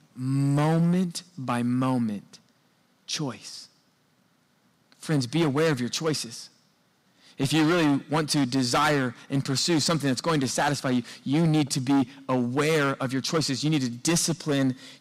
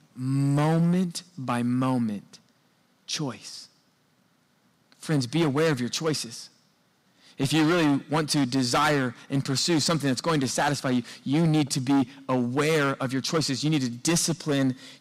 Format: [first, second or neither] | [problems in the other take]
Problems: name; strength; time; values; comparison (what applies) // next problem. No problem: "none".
neither | distortion; heavy; 9% of the sound clipped; the same in both